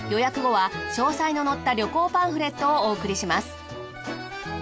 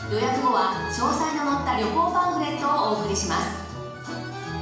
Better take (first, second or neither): first